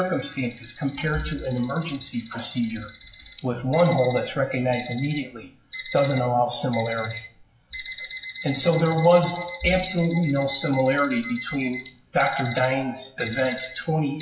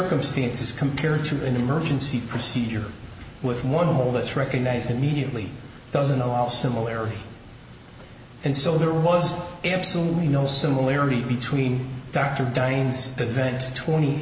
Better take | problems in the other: second | noise reduction (classical method WPE with log-MMSE)

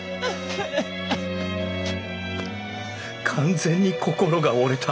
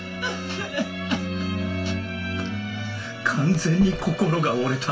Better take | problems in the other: first | background sound (Door); 13 dB below the speech // room echo; dies away in 0.2 s

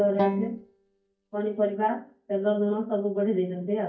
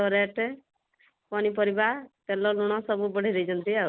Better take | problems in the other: second | noise reduction (neural mask model DeepFilterNet 3)

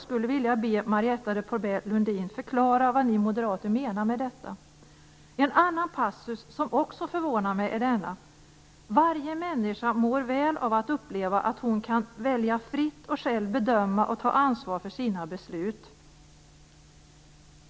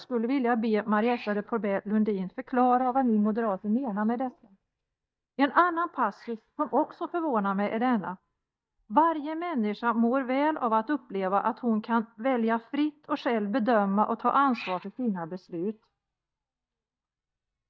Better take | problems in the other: first | noise reduction (neural mask model DeepFilterNet 3)

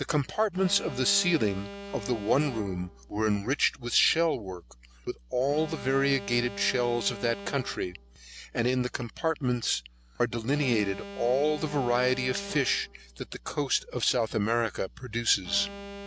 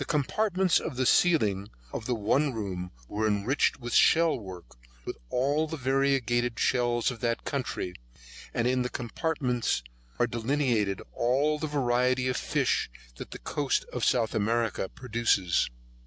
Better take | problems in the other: second | background sound (Alarm); 15 dB below the speech

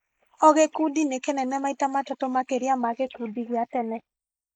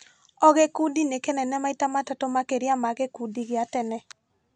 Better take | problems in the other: second | noise reduction (neural mask model Resemble Enhance denoiser)

